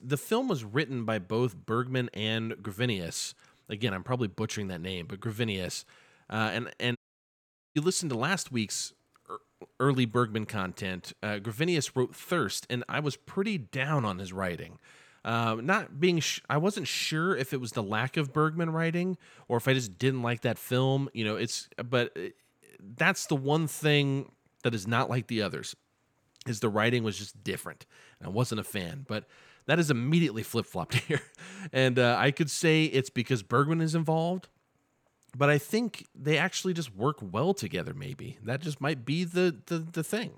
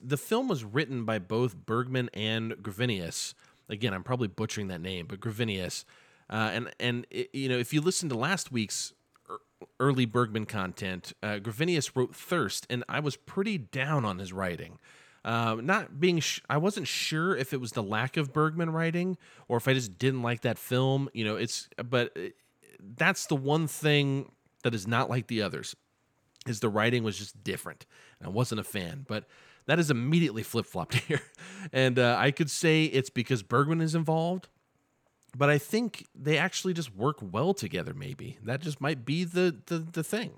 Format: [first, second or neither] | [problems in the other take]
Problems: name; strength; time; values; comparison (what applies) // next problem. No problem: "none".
second | audio cutting out; at 7 s for 1 s